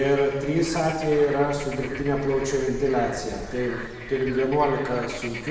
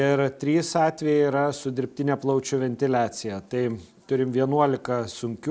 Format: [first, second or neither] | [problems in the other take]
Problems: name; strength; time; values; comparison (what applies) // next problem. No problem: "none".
second | background sound (Bird / Frog); 12 dB below the speech // room echo; dies away in 1.2 s